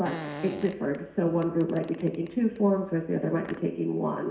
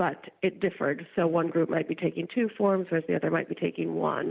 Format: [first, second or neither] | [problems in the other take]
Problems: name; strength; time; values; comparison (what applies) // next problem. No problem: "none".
second | background sound (Fart); 15 dB below the speech // room echo; dies away in 0.7 s